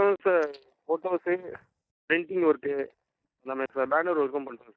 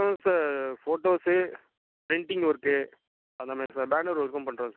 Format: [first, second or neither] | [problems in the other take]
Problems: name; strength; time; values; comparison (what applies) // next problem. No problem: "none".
second | noise reduction (neural mask model DeepFilterNet 3)